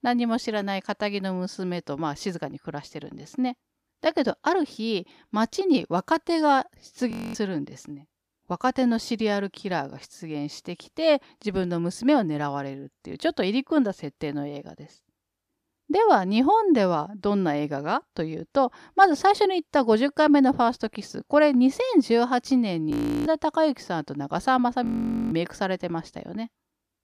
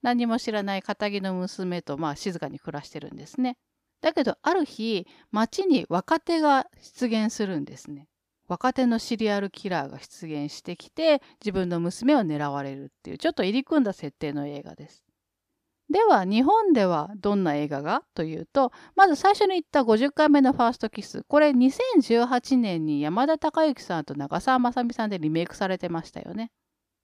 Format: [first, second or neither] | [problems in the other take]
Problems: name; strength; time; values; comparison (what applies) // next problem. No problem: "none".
second | audio freezing; at 7 s, at 23 s and at 25 s